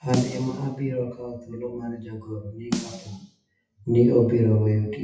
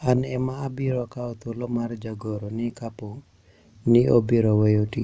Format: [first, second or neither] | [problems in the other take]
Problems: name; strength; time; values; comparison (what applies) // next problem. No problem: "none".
second | noise reduction (classical method WPE with log-MMSE)